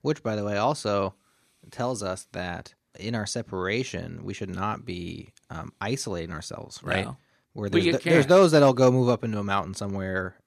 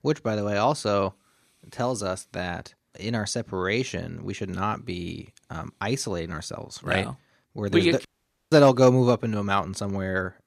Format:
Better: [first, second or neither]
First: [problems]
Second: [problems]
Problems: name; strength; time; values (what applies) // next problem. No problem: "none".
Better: first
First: none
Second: audio cutting out; at 8 s